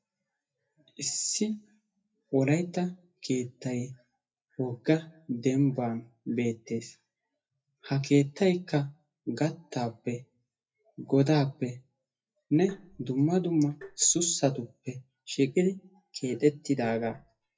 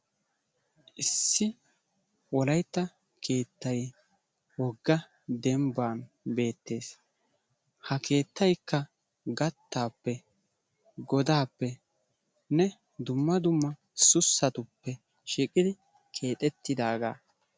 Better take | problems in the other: second | noise reduction (classical method WPE with log-MMSE)

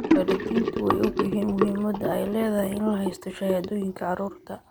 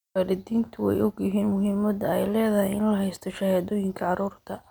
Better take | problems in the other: second | background sound (Sink (filling or washing) / Gurgling); 2 dB below the speech

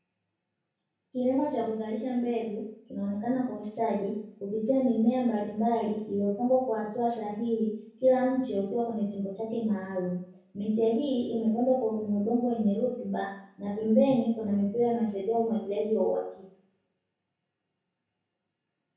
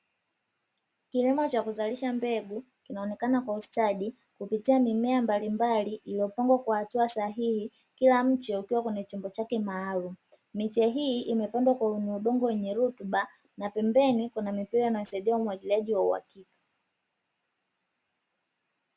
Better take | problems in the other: second | room echo; dies away in 0.6 s

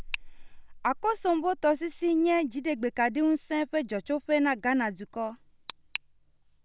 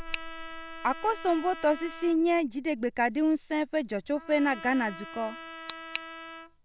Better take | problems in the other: first | background sound (Trumpet); 15 dB below the speech

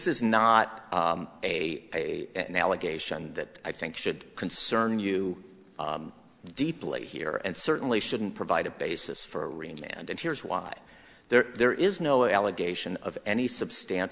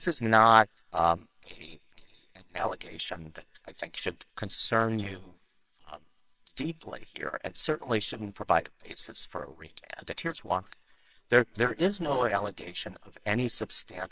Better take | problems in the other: first | noise reduction (neural separator model SepFormer WHAMR!)

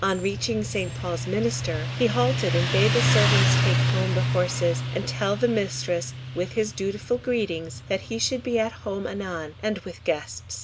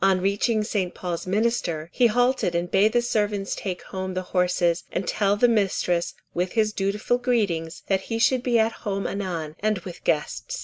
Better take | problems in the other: second | background sound (Motorcycle); as loud as the speech

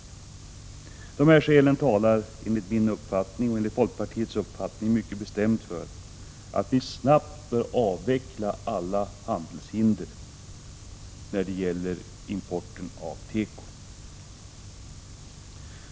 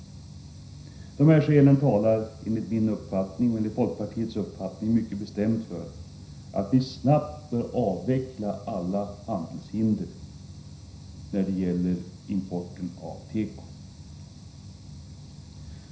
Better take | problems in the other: first | room echo; dies away in 0.5 s

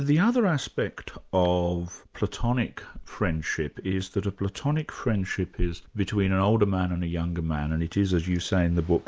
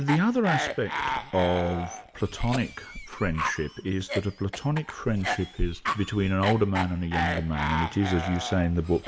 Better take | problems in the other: first | background sound (Cough); 7 dB below the speech

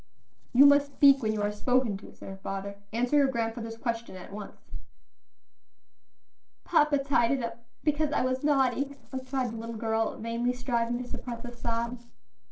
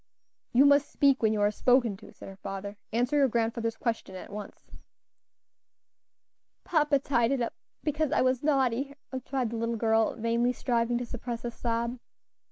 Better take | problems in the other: second | noise reduction (neural separator model SepFormer DNS4)

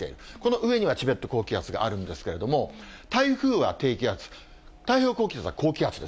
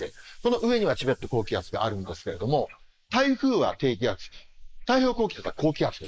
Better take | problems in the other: first | noise reduction (neural mask model Resemble Enhance denoiser)

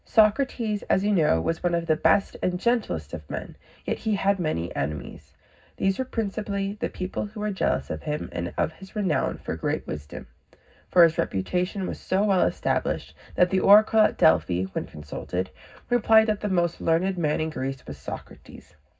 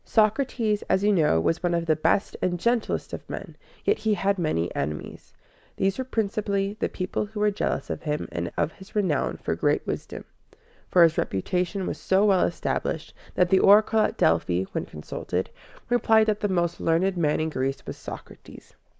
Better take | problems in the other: second | room echo; dies away in 0.4 s

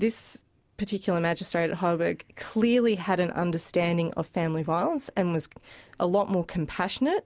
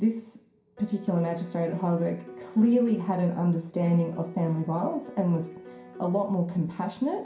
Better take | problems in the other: first | background sound (Piano); 18 dB below the speech // room echo; dies away in 0.5 s

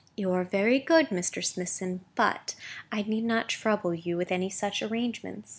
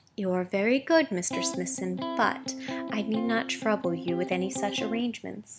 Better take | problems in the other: first | background sound (Electric guitar); 6 dB below the speech

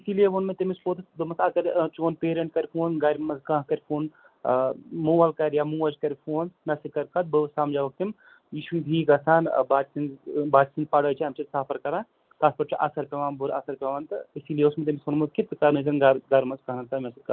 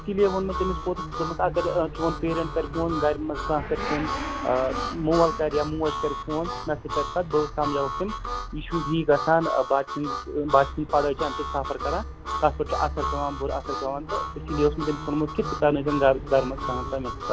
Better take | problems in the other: first | background sound (Motorcycle / Accelerating, revving, vroom + Harmonica); 6 dB below the speech

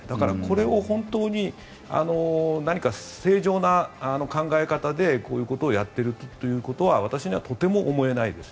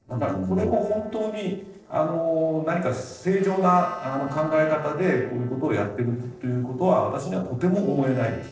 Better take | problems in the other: first | noise reduction (neural separator model SepFormer DNS4)

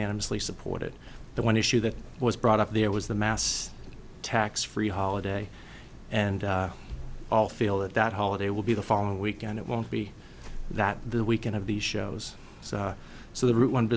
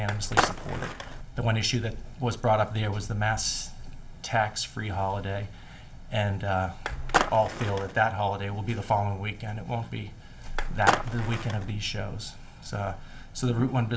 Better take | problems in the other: first | background sound (Skateboard); 1 dB below the speech // room echo; dies away in 0.4 s

